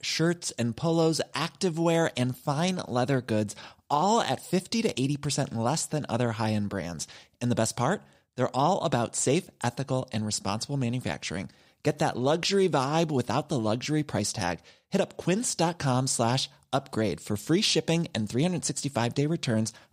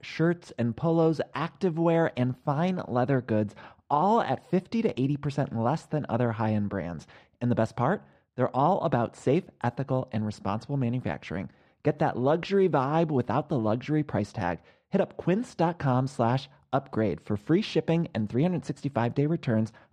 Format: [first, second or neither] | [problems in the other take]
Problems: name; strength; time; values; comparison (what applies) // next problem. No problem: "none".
first | muffled; very; fading above 4 kHz